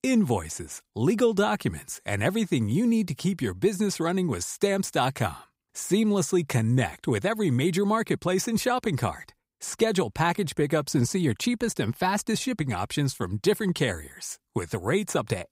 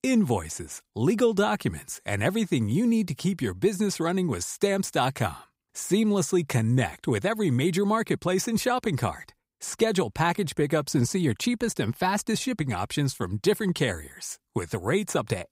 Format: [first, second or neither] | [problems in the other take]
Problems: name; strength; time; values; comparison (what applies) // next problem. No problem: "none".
neither | none